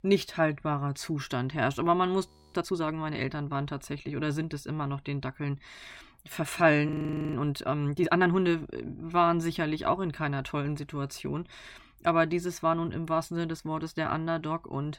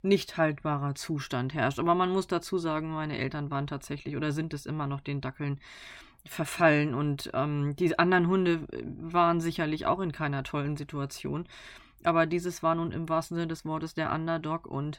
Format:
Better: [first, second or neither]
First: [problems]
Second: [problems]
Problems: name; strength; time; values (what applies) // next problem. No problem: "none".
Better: second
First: audio freezing; at 2.5 s and at 7 s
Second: none